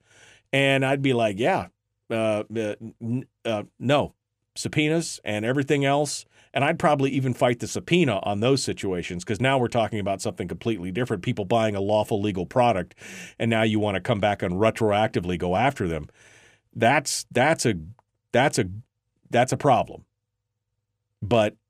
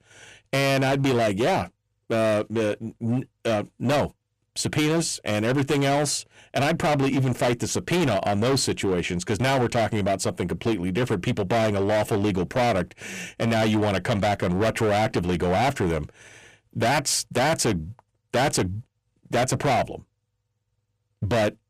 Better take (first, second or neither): first